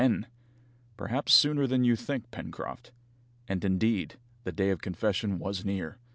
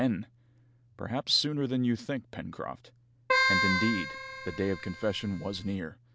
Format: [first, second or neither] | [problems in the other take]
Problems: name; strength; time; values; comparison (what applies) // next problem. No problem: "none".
first | background sound (Keyboard (musical)); 2 dB above the speech